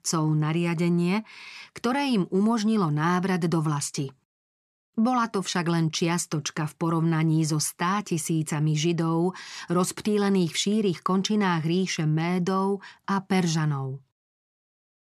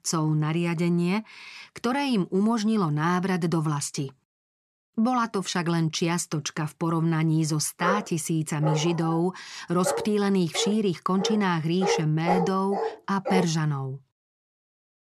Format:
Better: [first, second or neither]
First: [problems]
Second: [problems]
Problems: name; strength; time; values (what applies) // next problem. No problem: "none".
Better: first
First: none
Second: dog barking; noticeable; from 8 to 13 s; peak 2 dB below the speech